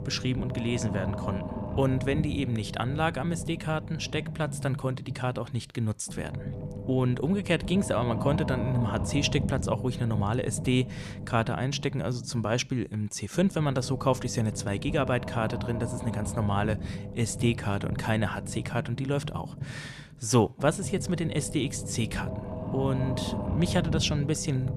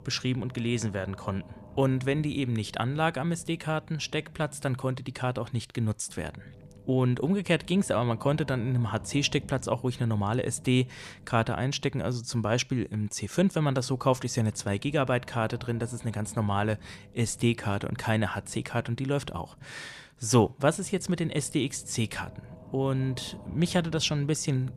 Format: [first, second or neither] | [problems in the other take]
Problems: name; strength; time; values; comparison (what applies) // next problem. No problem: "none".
second | low rumble; loud; throughout; 9 dB below the speech; faint in the second